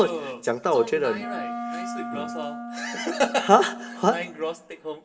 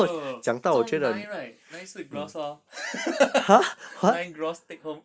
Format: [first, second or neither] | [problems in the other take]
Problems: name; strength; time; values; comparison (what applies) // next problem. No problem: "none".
second | background sound (Wind instrument, woodwind instrument); 11 dB below the speech // room echo; dies away in 0.6 s